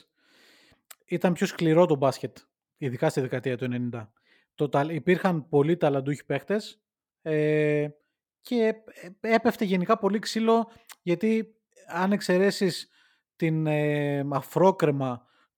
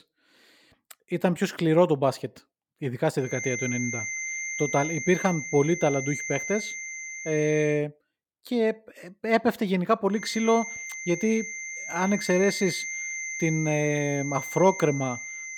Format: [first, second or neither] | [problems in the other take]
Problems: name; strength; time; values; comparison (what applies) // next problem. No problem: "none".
first | high-pitched whine; loud; from 3.5 to 7.5 s and from 10 s on; 2 kHz, 6 dB below the speech